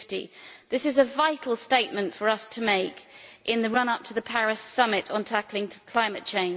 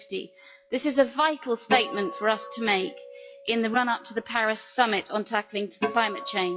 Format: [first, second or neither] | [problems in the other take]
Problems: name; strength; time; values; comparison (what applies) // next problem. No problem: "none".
first | noise reduction (classical method log-MMSE)